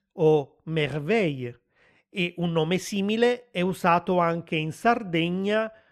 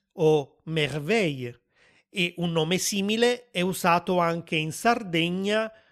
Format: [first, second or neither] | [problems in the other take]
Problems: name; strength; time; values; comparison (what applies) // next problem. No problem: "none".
second | muffled; slightly; fading above 3 kHz